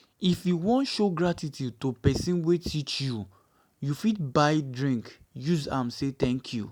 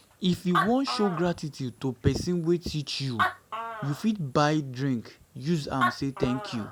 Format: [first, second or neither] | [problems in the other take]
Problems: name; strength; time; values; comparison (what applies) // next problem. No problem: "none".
first | background sound (Animal); 7 dB below the speech